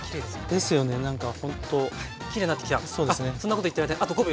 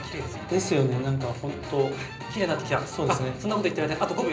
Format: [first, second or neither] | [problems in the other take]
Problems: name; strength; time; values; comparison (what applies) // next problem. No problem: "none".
first | room echo; dies away in 0.5 s